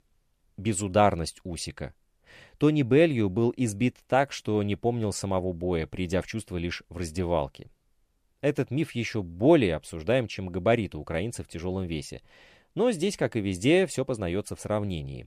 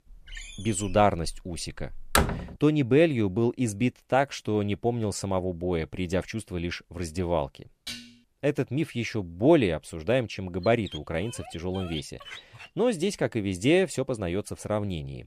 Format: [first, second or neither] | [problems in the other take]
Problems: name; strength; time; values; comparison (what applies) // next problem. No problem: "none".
first | door banging; loud; until 2.5 s; peak 2 dB above the speech // clattering dishes; faint; at 8 s; peak 10 dB below the speech // dog barking; faint; from 11 to 13 s; peak 15 dB below the speech